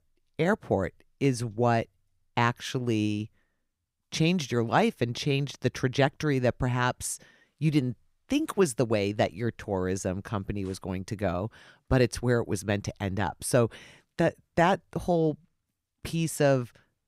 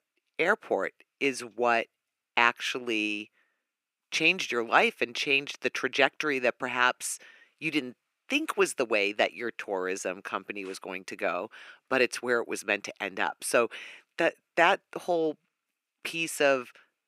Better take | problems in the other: first | thin; somewhat; fading below 300 Hz

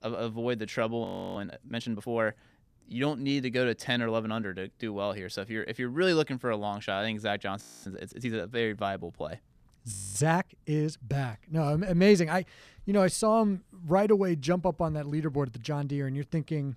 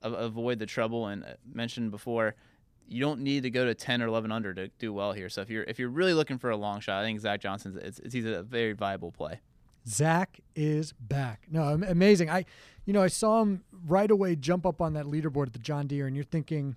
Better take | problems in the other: second | audio freezing; at 1 s, at 7.5 s and at 10 s

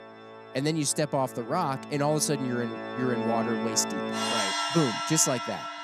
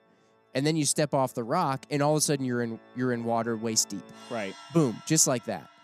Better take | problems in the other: second | background music; loud; throughout; 3 dB below the speech; faint in the second

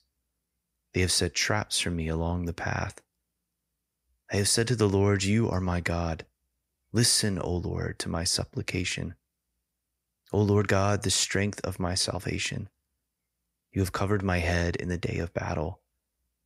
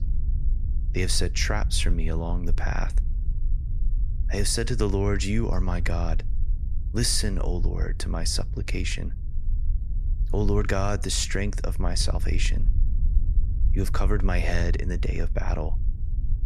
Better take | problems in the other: first | low rumble; noticeable; throughout; 20 dB below the speech

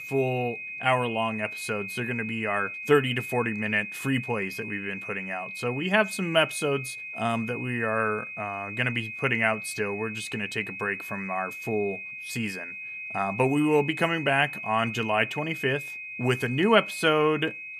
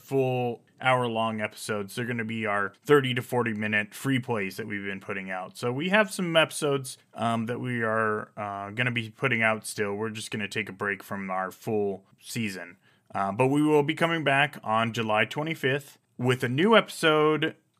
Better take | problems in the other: second | high-pitched whine; loud; throughout; 2.5 kHz, 8 dB below the speech

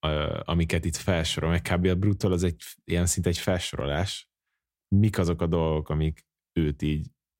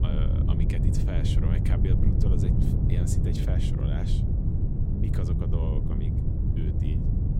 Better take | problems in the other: first | wind noise on the microphone; heavy; 3 dB above the speech

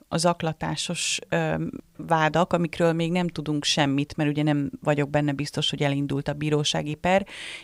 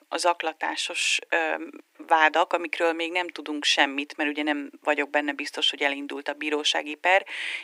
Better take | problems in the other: first | thin; somewhat; fading below 300 Hz

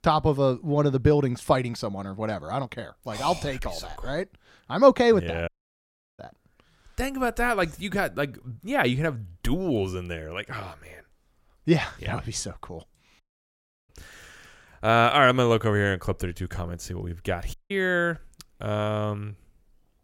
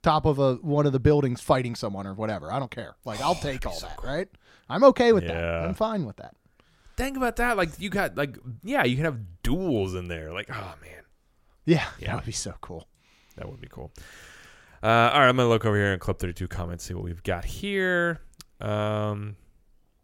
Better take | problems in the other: second | audio cutting out; at 5.5 s for 0.5 s, at 13 s for 0.5 s and at 18 s

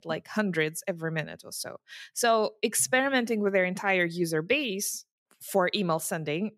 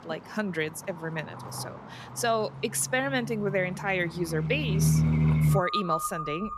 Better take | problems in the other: first | animal sounds; very loud; throughout; 2 dB above the speech

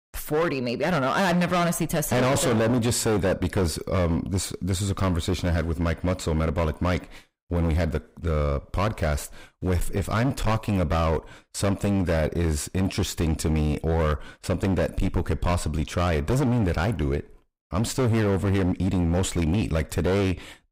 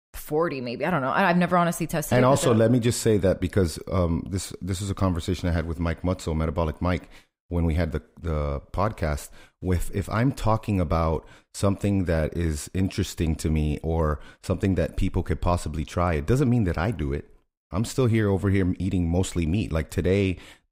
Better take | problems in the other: second | distortion; heavy; 20% of the sound clipped

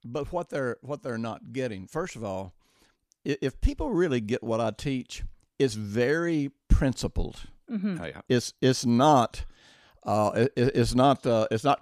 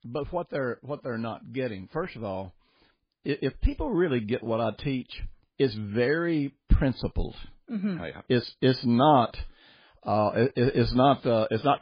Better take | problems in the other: first | garbled, watery; badly; nothing above 4.5 kHz

